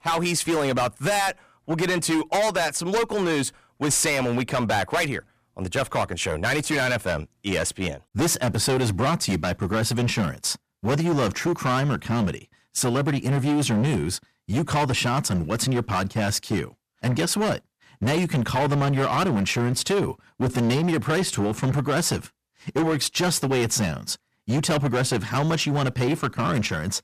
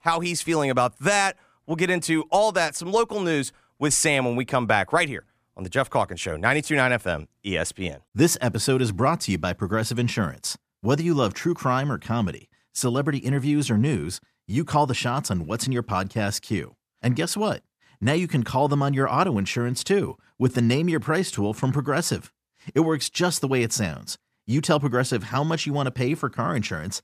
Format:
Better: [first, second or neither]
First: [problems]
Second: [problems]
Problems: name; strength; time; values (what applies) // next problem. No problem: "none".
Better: second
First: distortion; heavy; 18% of the sound clipped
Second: none